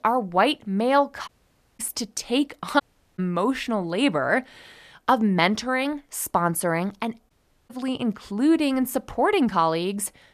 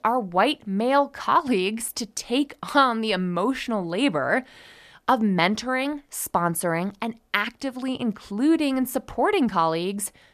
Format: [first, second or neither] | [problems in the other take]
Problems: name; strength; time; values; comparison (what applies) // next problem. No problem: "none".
second | audio cutting out; at 1.5 s for 0.5 s, at 3 s and at 7.5 s